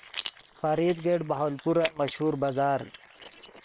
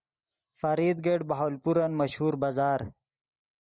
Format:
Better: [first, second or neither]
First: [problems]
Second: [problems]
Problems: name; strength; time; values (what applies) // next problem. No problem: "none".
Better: second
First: noise reduction (neural separator model SepFormer WHAM!)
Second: none